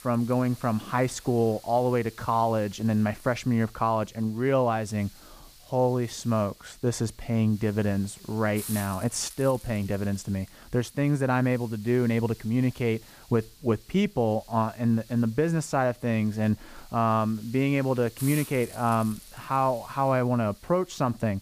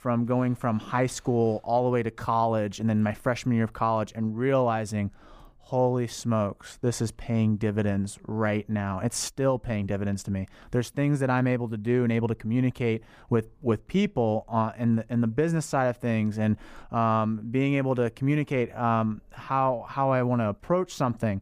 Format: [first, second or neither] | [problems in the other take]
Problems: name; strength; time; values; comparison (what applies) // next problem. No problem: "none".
second | hiss; noticeable; throughout; 20 dB below the speech